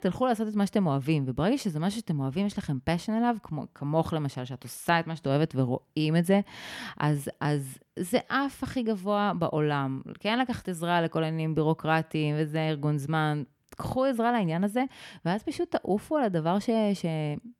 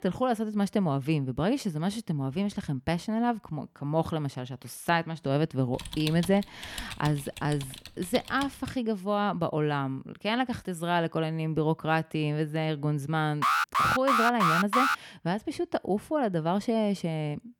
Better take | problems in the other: first | keyboard typing; noticeable; from 5.5 to 8.5 s; peak 8 dB below the speech // alarm; loud; from 13 to 15 s; peak 5 dB above the speech

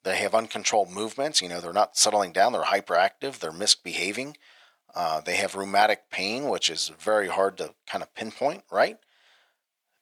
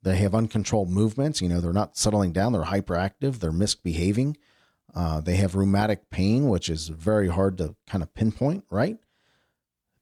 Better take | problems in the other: second | thin; very; fading below 650 Hz

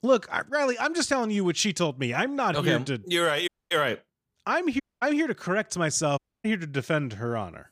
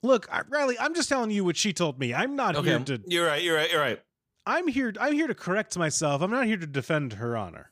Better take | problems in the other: second | audio cutting out; at 3.5 s, at 5 s and at 6 s

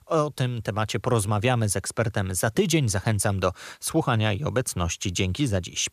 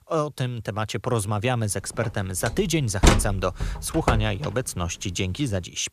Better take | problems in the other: first | door banging; loud; from 2.5 to 4.5 s; peak 6 dB above the speech

